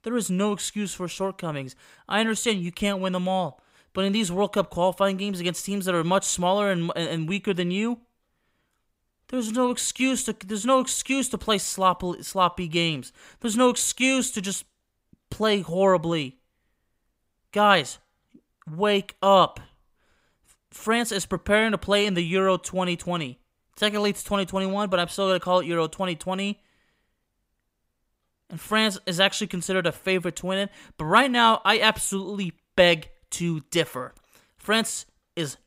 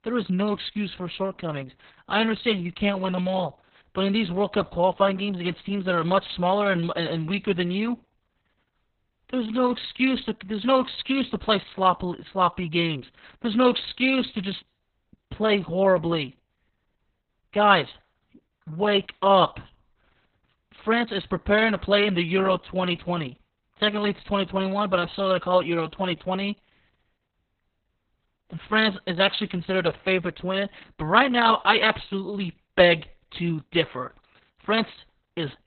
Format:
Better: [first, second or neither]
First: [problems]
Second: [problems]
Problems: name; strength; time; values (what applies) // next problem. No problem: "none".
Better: first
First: none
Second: garbled, watery; badly; nothing above 4 kHz